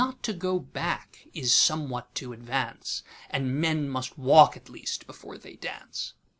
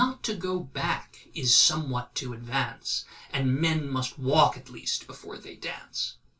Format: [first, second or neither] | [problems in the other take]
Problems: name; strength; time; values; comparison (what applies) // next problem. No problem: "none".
first | room echo; dies away in 0.2 s